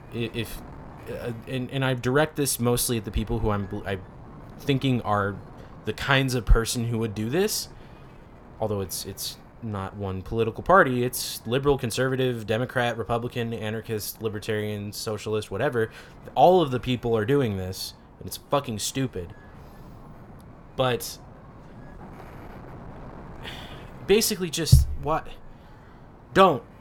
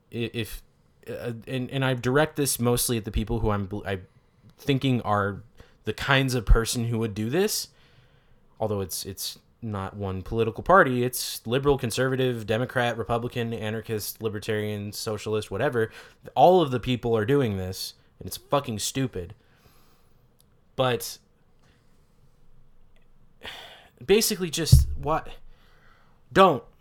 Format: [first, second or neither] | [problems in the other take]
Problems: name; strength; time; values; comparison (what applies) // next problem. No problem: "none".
second | wind noise on the microphone; occasional gusts; 25 dB below the speech